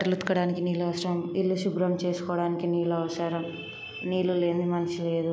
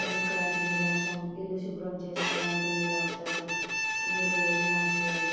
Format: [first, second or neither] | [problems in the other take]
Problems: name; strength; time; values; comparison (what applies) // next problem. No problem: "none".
first | background sound (Bowed string instrument); 4 dB above the speech // room echo; dies away in 1.1 s